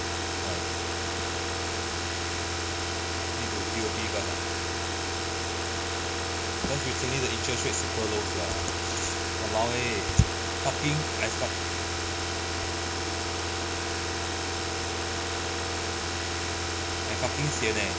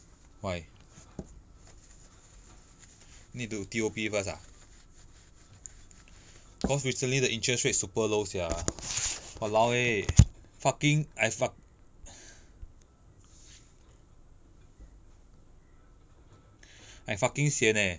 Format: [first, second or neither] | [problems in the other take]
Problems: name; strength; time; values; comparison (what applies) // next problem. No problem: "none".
second | background sound (Car); 5 dB above the speech